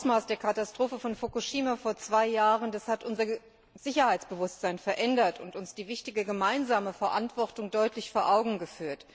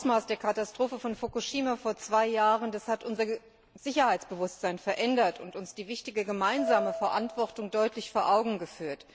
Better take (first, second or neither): first